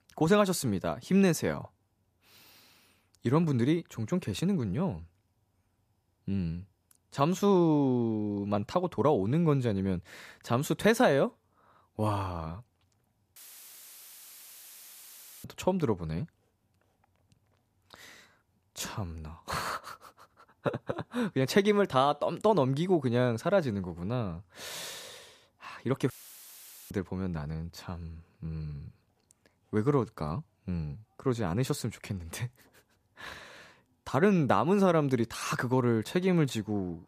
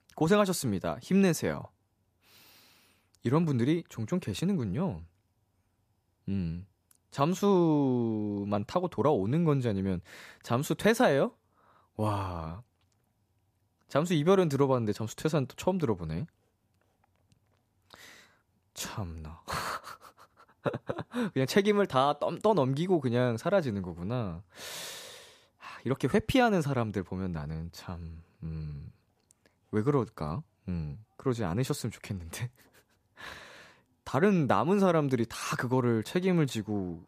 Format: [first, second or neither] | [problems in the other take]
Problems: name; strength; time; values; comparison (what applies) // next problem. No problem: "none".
second | audio cutting out; filled with static; at 13 s for 2 s and at 26 s for 1 s